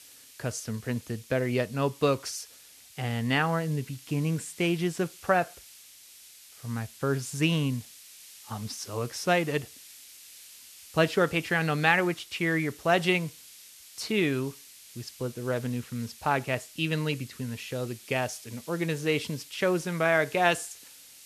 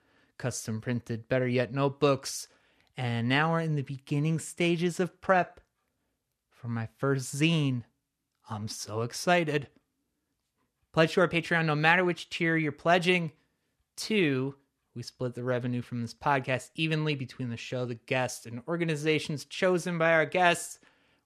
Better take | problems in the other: second | hiss; noticeable; throughout; 20 dB below the speech

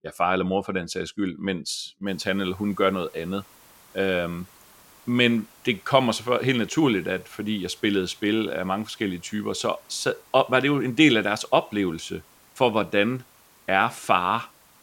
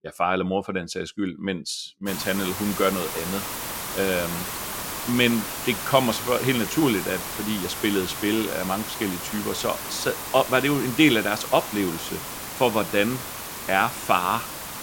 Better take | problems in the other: first | hiss; loud; from 2 s on; 6 dB below the speech; faint in the first

